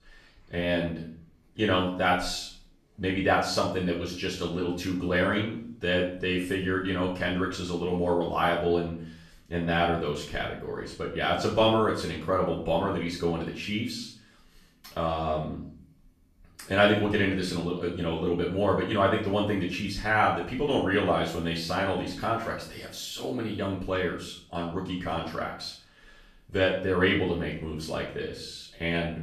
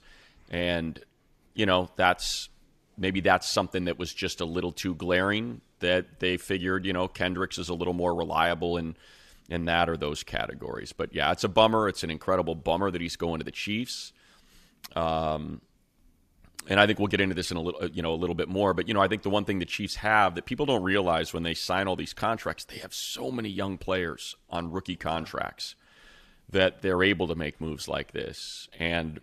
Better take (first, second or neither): second